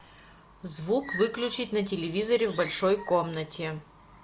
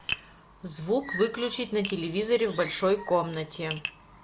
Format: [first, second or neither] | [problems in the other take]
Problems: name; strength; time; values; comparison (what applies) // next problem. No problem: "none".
first | background sound (Tap); 14 dB below the speech